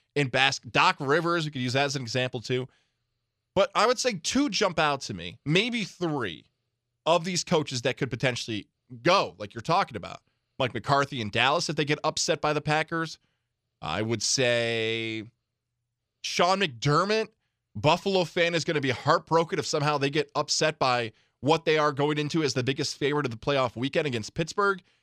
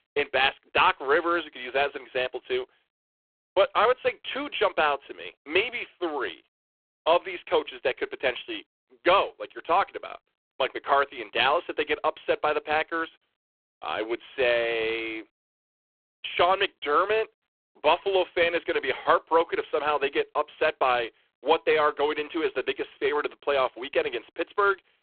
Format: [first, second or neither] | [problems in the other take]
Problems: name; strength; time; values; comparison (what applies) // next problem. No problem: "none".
first | phone-call audio; poor line